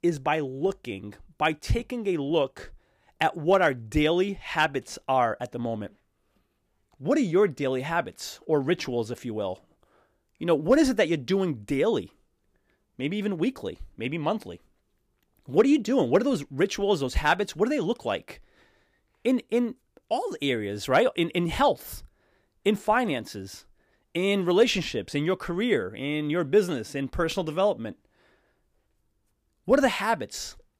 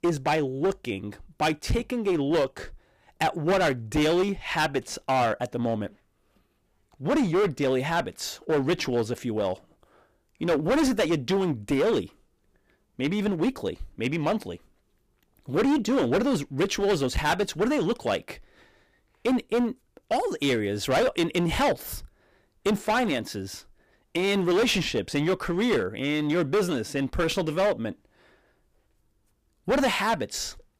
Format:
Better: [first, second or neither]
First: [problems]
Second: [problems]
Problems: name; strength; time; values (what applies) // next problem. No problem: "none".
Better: first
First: none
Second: distortion; heavy; 11% of the sound clipped